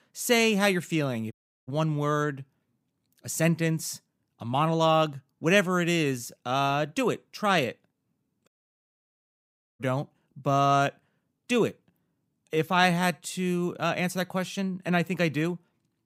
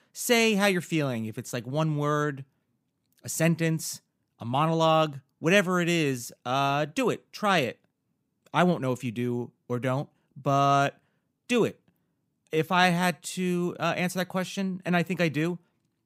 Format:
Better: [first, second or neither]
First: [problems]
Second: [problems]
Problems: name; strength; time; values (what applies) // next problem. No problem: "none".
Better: second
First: audio cutting out; at 1.5 s and at 8.5 s for 1.5 s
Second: none